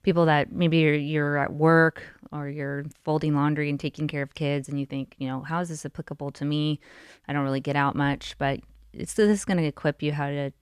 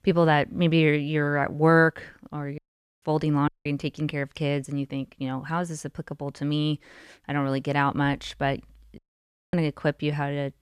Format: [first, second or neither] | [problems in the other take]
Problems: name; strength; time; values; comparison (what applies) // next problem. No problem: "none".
first | audio cutting out; at 2.5 s, at 3.5 s and at 9 s for 0.5 s